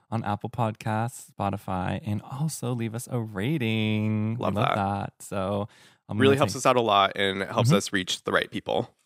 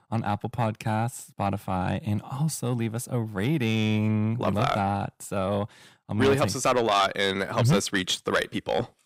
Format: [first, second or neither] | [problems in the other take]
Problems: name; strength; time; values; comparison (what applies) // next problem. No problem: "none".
first | distortion; slight; 10 dB below the speech